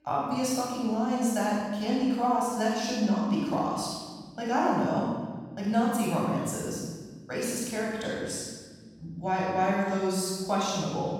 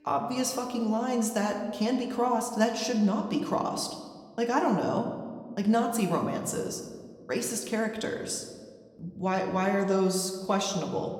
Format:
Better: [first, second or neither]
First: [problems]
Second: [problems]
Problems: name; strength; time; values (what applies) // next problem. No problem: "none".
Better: second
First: room echo; strong; dies away in 1.6 s // off-mic speech; far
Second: room echo; slight; dies away in 1.3 s // off-mic speech; somewhat distant